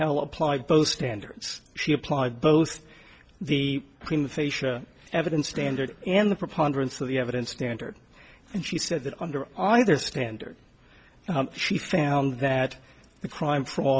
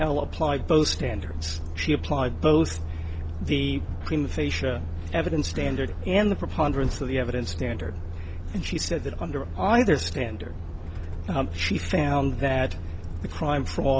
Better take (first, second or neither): first